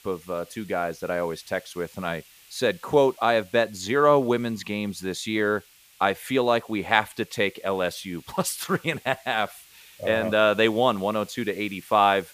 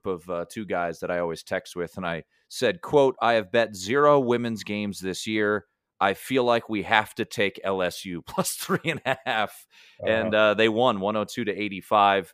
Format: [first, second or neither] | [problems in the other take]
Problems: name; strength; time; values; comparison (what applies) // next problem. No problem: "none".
second | hiss; faint; throughout; 25 dB below the speech